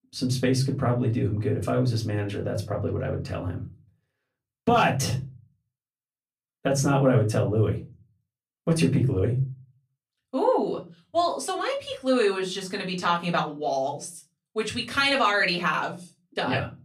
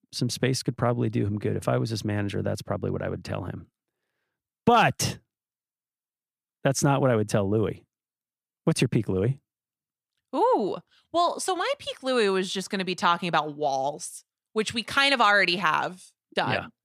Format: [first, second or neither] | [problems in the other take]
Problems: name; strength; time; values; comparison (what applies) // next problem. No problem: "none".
second | off-mic speech; far // room echo; very slight; dies away in 0.3 s